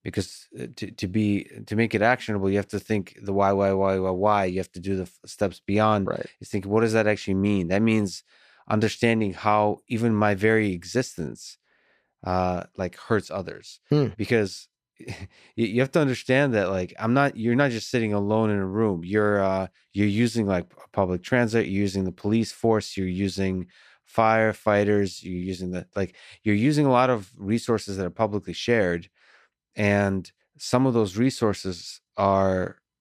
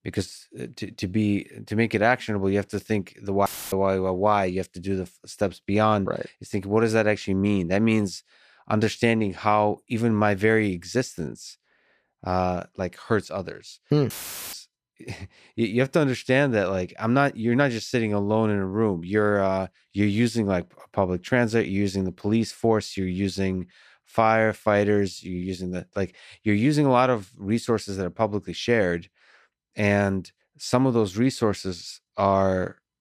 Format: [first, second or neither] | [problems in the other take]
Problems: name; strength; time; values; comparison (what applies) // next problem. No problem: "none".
first | audio cutting out; filled with static; at 3.5 s and at 14 s